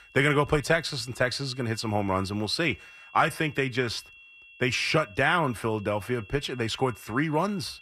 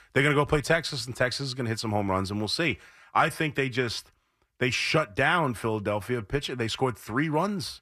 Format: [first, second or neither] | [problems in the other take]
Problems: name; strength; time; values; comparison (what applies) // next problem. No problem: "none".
second | high-pitched whine; faint; throughout; 2.5 kHz, 20 dB below the speech